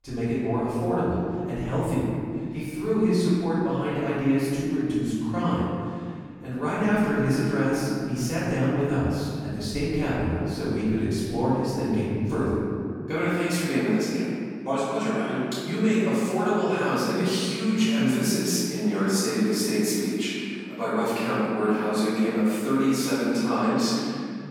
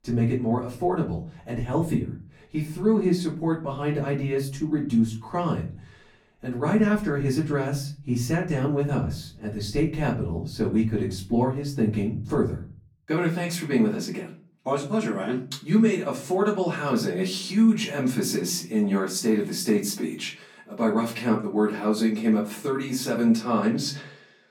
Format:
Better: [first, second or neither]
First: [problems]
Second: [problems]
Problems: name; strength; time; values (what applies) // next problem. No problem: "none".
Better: second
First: room echo; strong; dies away in 2.2 s // off-mic speech; far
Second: room echo; slight; dies away in 0.5 s // off-mic speech; far